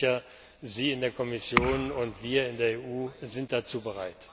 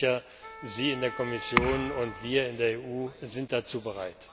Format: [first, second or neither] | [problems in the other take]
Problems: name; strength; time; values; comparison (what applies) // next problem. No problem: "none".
first | background sound (Wind instrument, woodwind instrument); 12 dB below the speech